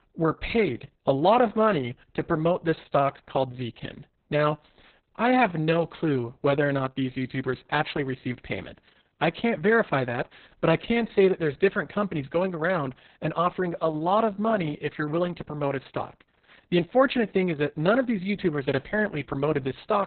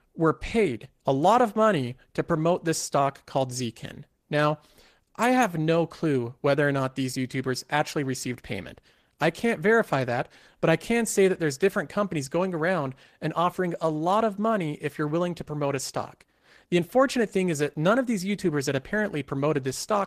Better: second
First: garbled, watery; badly; nothing above 4 kHz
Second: garbled, watery; slightly; nothing above 14.5 kHz

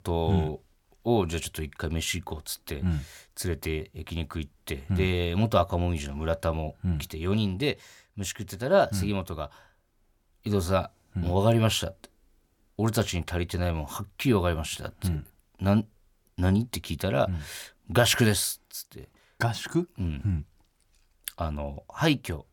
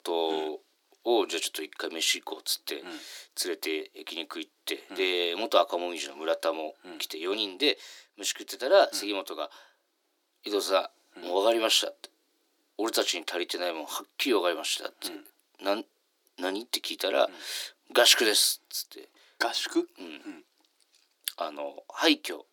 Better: first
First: none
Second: thin; very; fading below 300 Hz

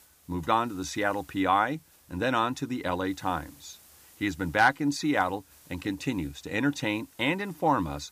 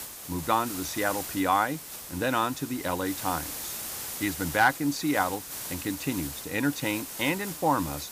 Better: first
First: hiss; faint; throughout; 25 dB below the speech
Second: hiss; loud; throughout; 7 dB below the speech

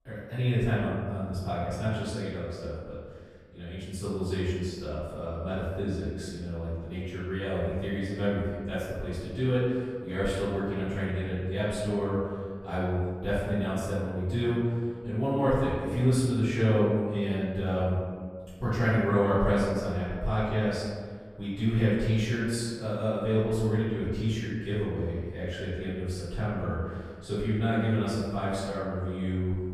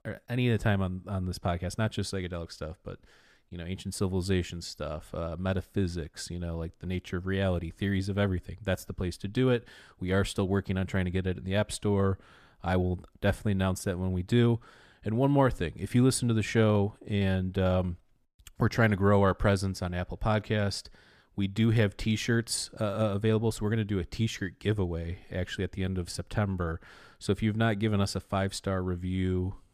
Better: second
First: off-mic speech; far // room echo; strong; dies away in 1.6 s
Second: none

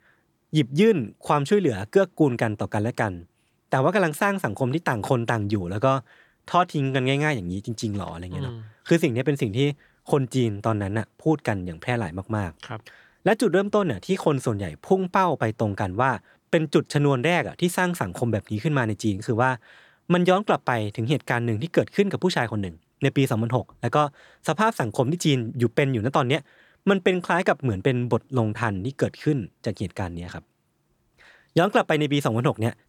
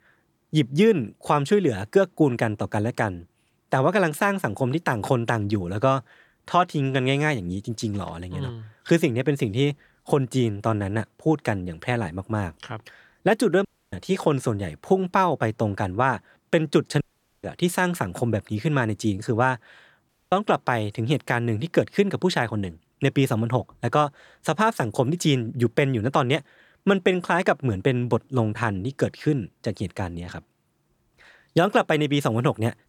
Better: first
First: none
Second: audio cutting out; at 14 s, at 17 s and at 20 s

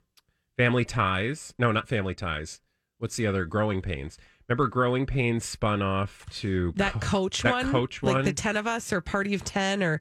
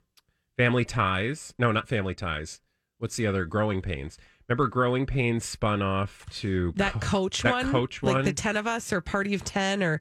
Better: neither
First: none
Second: none

